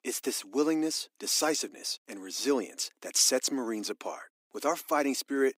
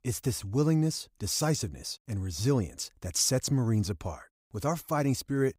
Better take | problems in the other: second | thin; somewhat; fading below 250 Hz

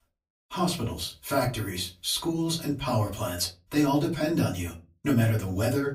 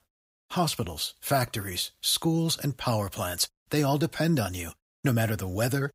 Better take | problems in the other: second | off-mic speech; far // room echo; very slight; dies away in 0.3 s

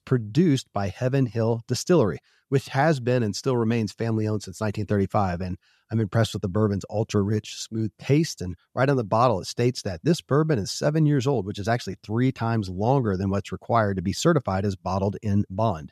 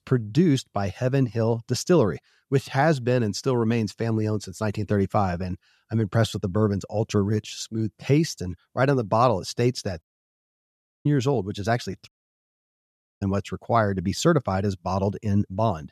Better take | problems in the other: first | audio cutting out; at 10 s for 1 s and at 12 s for 1 s

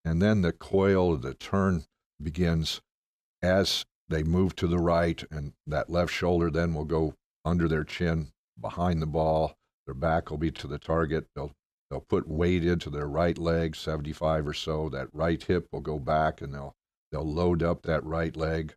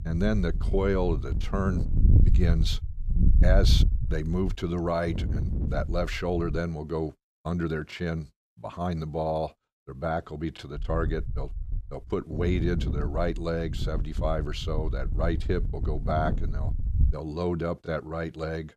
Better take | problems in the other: first | wind noise on the microphone; occasional gusts; until 6.5 s and from 11 to 17 s; 10 dB below the speech

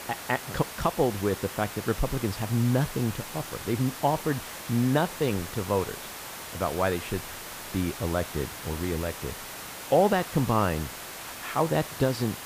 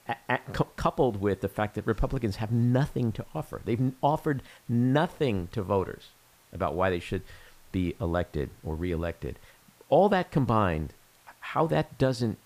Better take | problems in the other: second | hiss; loud; throughout; 9 dB below the speech; faint in the second

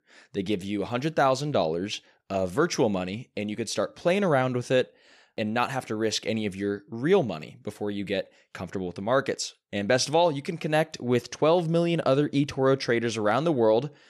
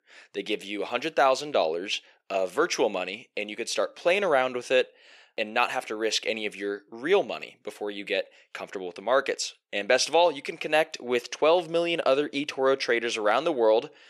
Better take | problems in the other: first | thin; somewhat; fading below 450 Hz

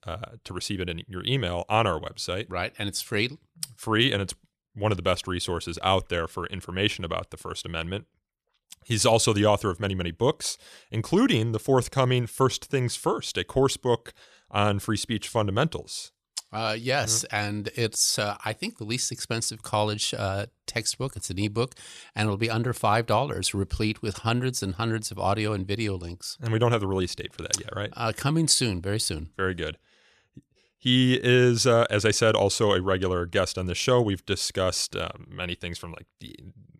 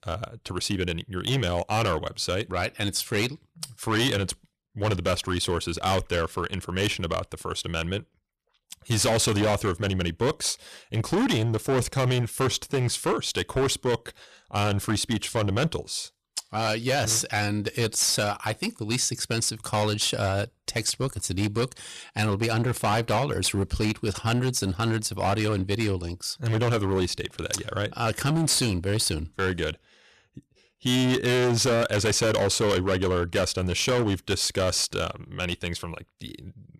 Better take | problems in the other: first | distortion; heavy; 12% of the sound clipped

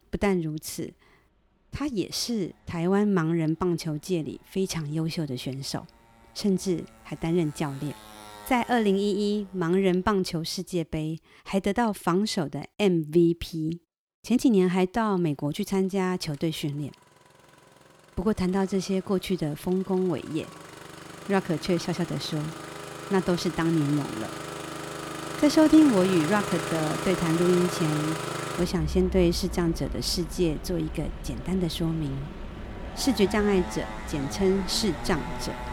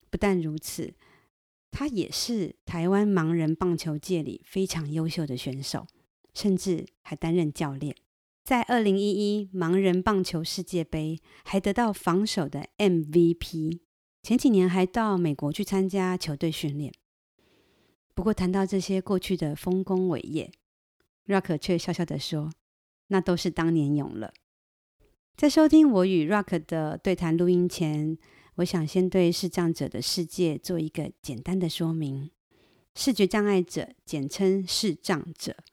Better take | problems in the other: second | traffic noise; loud; throughout; 9 dB below the speech

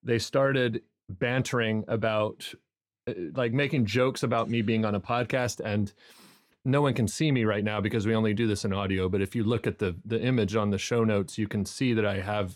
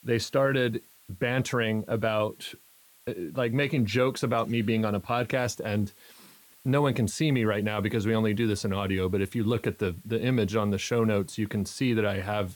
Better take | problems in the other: first | hiss; faint; throughout; 25 dB below the speech

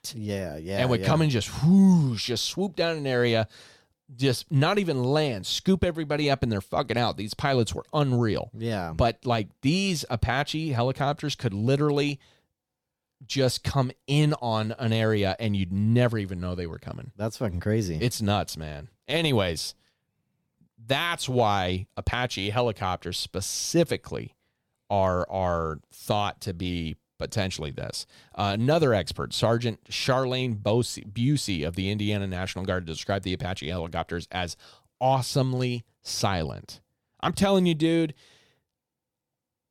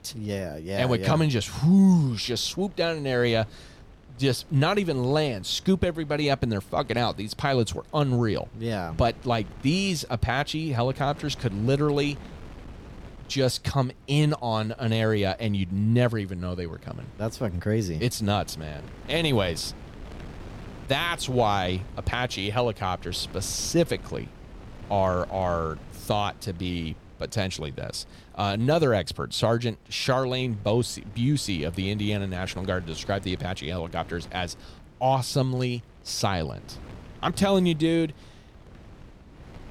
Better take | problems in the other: first | wind noise on the microphone; occasional gusts; 25 dB below the speech

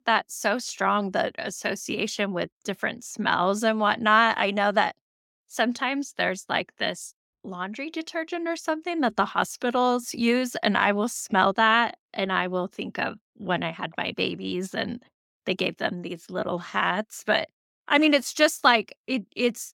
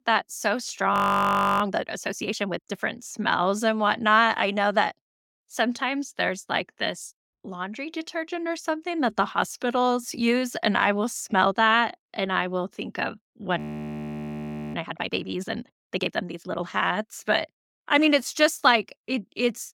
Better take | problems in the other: first | audio freezing; at 1 s for 0.5 s and at 14 s for 1 s

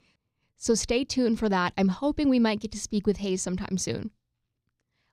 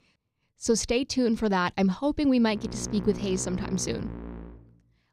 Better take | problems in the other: first | background music; noticeable; from 2.5 s on; 10 dB below the speech

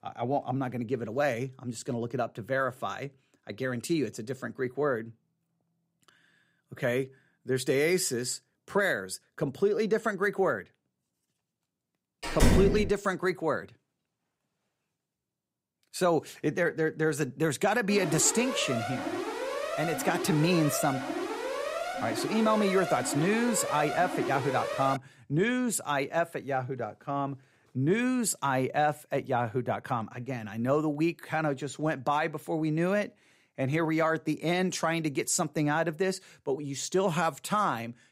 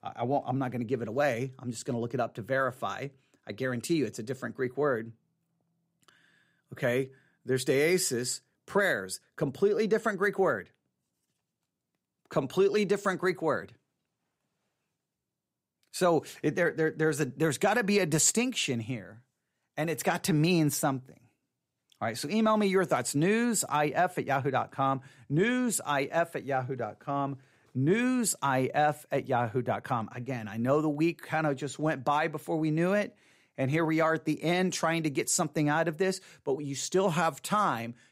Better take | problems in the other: second | door banging; loud; at 12 s; peak 5 dB above the speech // alarm; noticeable; from 18 to 25 s; peak 4 dB below the speech

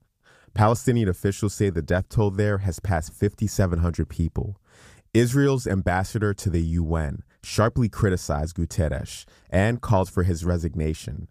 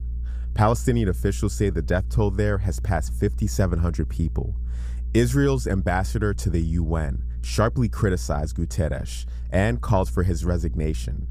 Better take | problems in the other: first | low rumble; faint; throughout; 25 dB below the speech

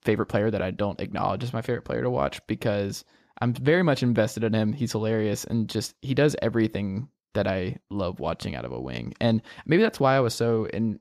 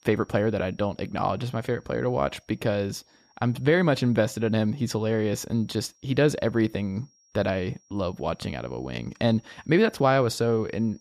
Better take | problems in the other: first | high-pitched whine; faint; throughout; 5.5 kHz, 35 dB below the speech

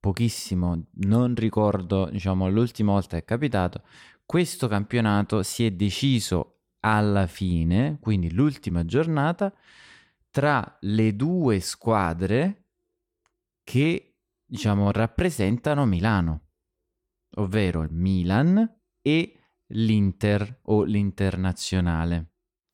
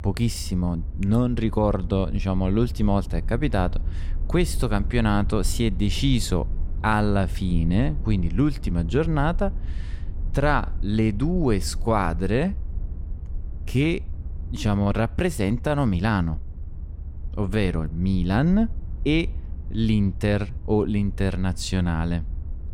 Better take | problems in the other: first | low rumble; faint; throughout; 20 dB below the speech

